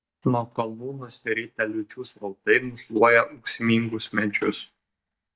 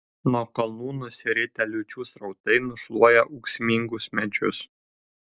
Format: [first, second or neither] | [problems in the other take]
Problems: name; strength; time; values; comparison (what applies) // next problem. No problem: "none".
second | noise reduction (neural mask model DeepFilterNet 3)